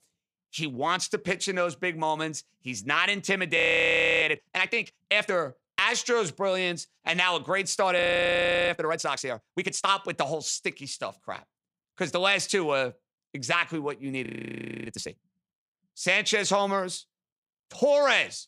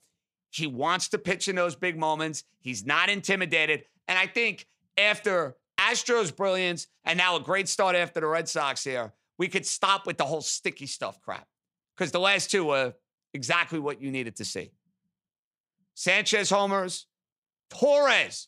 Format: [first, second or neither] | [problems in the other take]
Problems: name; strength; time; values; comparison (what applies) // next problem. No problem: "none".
second | audio freezing; at 3.5 s for 0.5 s, at 8 s for 0.5 s and at 14 s for 0.5 s